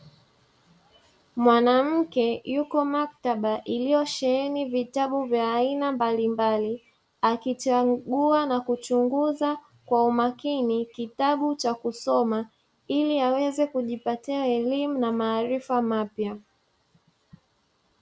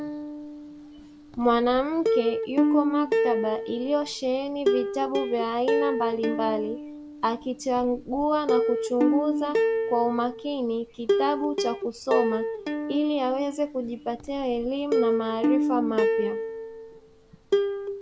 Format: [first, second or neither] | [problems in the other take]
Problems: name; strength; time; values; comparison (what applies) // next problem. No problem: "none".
first | background sound (Plucked string instrument); as loud as the speech